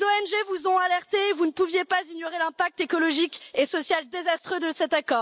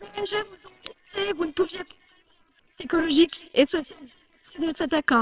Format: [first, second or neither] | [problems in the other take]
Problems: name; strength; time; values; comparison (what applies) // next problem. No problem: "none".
first | noise reduction (neural separator model SepFormer WHAMR!)